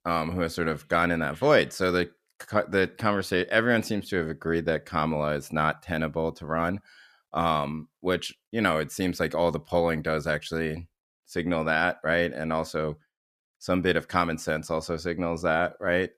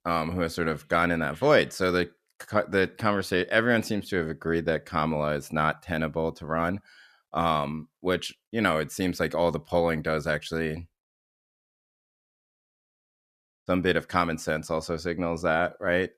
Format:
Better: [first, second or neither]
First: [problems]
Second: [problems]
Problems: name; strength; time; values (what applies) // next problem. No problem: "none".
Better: first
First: none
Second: audio cutting out; at 11 s for 2.5 s